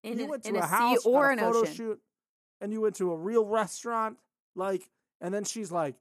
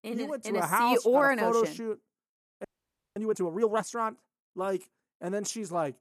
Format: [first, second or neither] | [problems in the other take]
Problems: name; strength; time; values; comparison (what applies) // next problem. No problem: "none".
first | audio freezing; at 2.5 s for 0.5 s